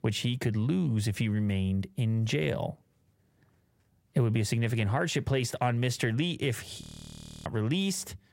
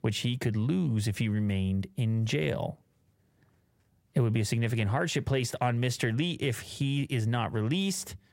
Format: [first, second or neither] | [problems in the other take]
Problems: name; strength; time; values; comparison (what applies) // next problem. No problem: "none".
second | audio freezing; at 7 s for 0.5 s